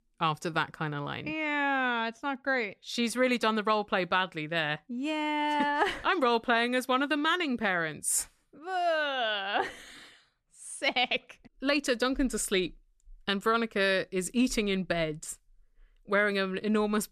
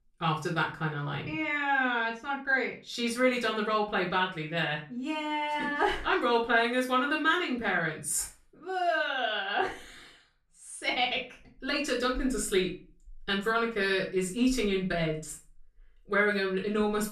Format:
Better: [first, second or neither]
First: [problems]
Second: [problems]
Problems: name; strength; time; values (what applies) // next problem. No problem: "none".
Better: first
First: none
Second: off-mic speech; far // room echo; slight; dies away in 0.3 s